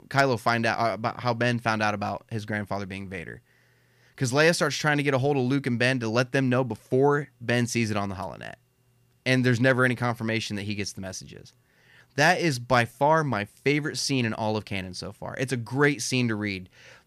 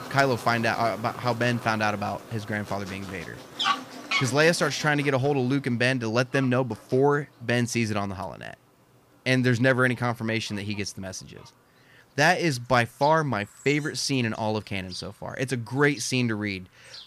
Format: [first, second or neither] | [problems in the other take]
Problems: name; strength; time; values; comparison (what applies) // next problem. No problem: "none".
first | animal sounds; loud; throughout; 10 dB below the speech